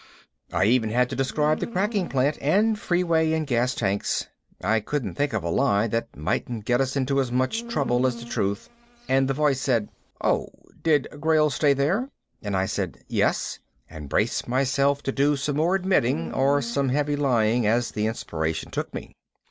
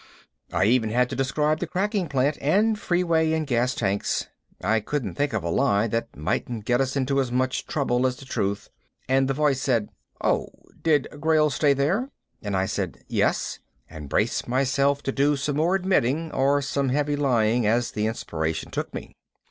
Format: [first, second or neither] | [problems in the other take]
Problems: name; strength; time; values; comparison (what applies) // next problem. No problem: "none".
second | background sound (Insect); 17 dB below the speech